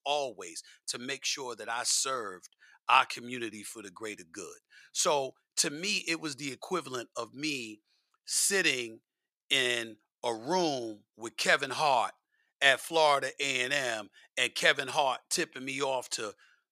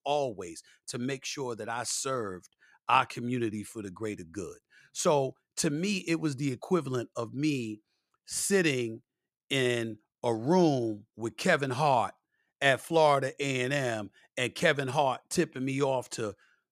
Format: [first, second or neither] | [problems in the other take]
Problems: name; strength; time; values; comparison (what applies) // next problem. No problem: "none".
second | thin; somewhat; fading below 1 kHz